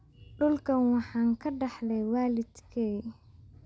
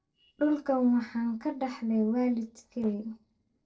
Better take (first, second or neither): first